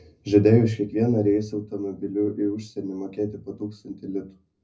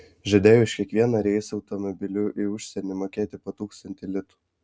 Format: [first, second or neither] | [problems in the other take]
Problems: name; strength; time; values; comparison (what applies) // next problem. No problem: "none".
second | room echo; dies away in 0.4 s